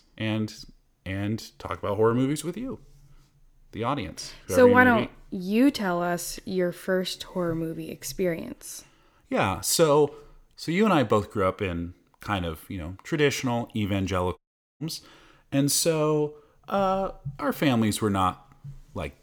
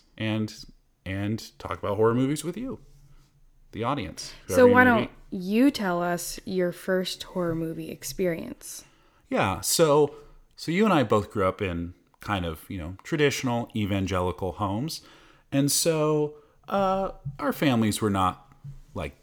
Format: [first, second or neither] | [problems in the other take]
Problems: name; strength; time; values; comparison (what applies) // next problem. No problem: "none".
second | audio cutting out; at 14 s